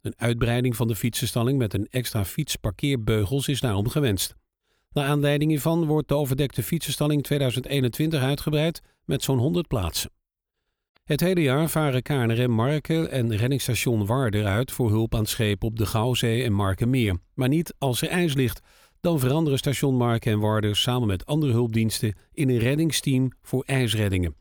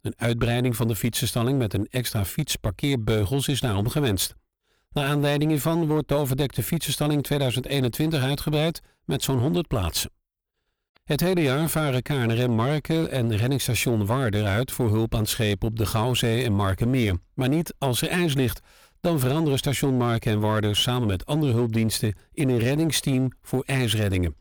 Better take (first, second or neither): first